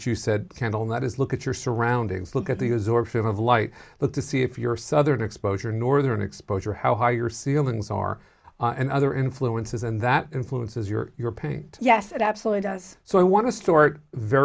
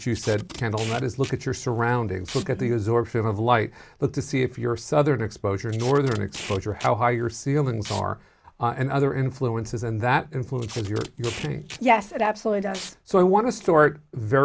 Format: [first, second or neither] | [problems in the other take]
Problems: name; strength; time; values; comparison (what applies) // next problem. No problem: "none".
first | background sound (Packing tape, duct tape); 17 dB below the speech